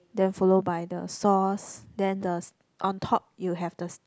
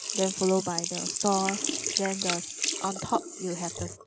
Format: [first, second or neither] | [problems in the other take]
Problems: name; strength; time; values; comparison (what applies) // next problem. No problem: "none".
first | background sound (Sink (filling or washing)); 2 dB below the speech